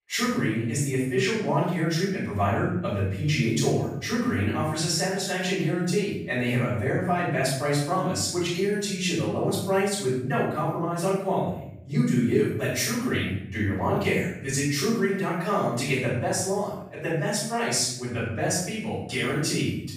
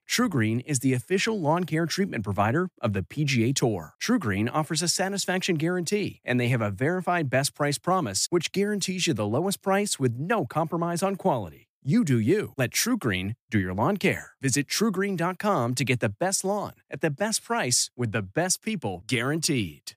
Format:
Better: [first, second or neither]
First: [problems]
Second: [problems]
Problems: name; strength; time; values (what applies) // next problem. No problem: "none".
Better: second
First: room echo; noticeable; dies away in 0.7 s // off-mic speech; far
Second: none